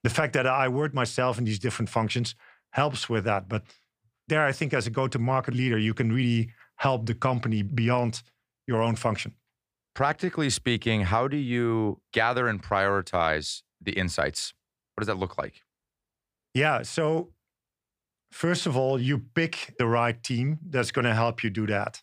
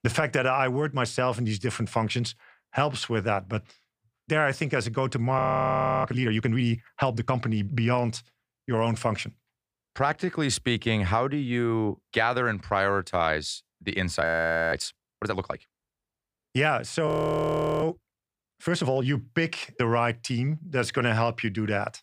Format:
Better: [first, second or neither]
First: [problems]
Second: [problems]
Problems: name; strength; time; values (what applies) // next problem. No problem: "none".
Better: first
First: none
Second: audio freezing; at 5.5 s for 0.5 s, at 14 s and at 17 s for 0.5 s